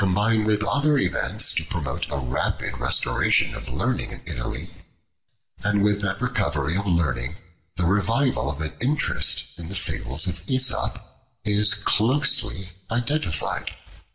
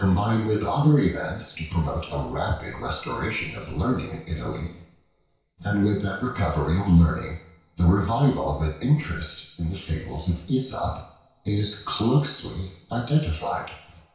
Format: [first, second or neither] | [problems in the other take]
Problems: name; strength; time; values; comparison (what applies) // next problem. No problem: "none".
first | room echo; dies away in 0.6 s